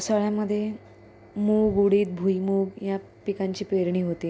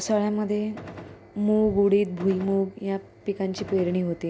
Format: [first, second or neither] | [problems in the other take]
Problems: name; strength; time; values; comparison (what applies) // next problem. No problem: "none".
first | background sound (Gunshot, gunfire); 15 dB below the speech